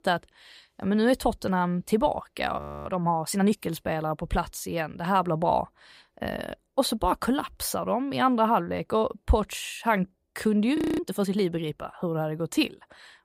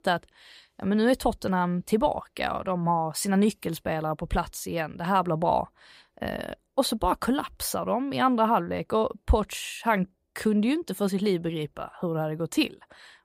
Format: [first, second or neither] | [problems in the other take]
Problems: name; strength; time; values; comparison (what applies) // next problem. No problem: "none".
second | audio freezing; at 2.5 s and at 11 s